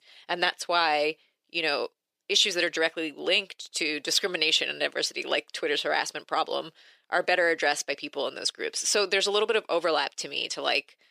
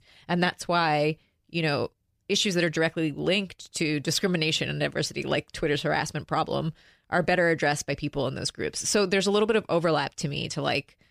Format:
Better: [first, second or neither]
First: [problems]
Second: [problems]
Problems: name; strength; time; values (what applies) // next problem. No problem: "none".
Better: second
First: thin; very; fading below 400 Hz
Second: none